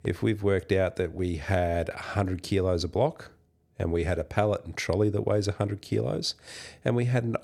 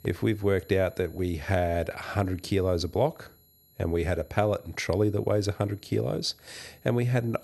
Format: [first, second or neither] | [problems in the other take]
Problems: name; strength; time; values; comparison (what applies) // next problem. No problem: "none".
first | high-pitched whine; faint; throughout; 11.5 kHz, 30 dB below the speech